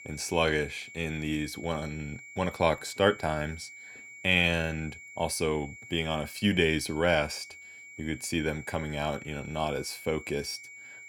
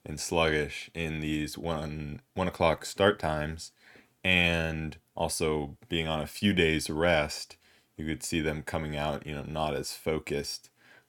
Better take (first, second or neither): second